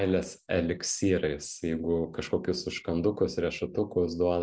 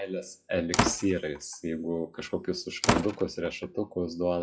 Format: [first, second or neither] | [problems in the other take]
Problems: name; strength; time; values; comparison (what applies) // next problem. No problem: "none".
first | noise reduction (classical method WPE with log-MMSE)